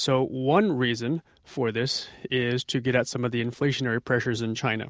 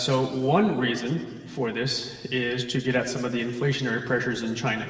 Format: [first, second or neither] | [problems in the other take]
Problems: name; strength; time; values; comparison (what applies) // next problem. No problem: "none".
first | room echo; dies away in 2.1 s